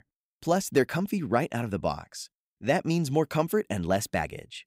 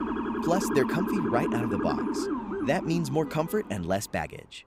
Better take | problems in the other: first | siren; loud; until 4 s; peak 1 dB above the speech

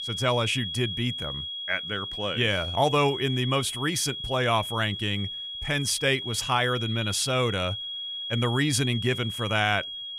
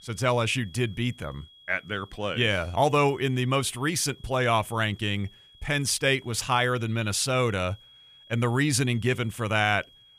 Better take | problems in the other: second | high-pitched whine; loud; throughout; 3.5 kHz, 6 dB below the speech; faint in the second

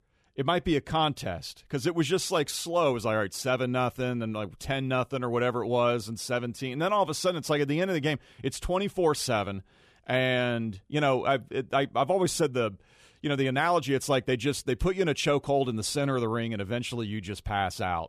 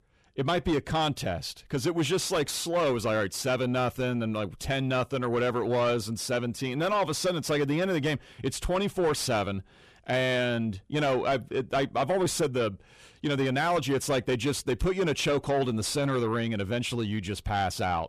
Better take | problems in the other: first | distortion; slight; 10 dB below the speech

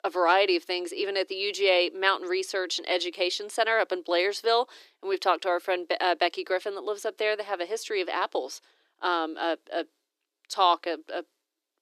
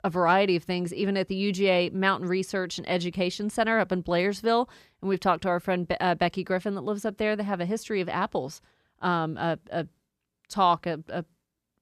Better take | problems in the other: second | thin; very; fading below 300 Hz

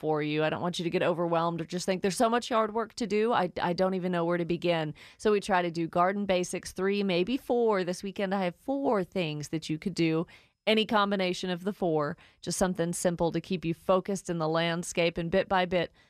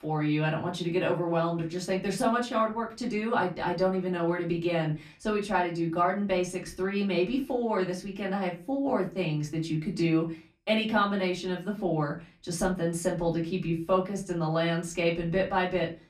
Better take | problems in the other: first | off-mic speech; far // room echo; very slight; dies away in 0.3 s

